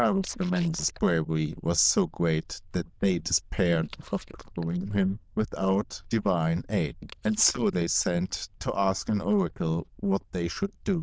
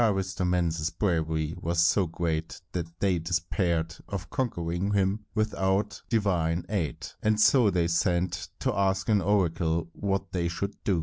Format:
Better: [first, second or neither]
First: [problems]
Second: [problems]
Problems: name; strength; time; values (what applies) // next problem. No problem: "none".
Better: second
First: noise reduction (neural diffusion model UNIVERSE++)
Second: none